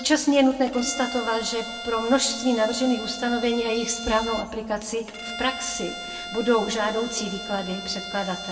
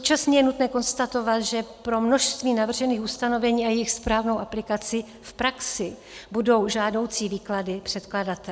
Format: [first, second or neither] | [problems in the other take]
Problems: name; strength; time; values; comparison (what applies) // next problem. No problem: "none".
second | background sound (Bowed string instrument); 11 dB below the speech // room echo; dies away in 1.7 s